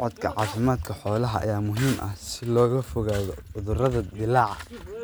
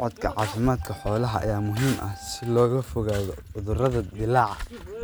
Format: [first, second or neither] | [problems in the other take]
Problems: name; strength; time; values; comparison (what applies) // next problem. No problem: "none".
first | background sound (Knock + Wind instrument, woodwind instrument); 16 dB below the speech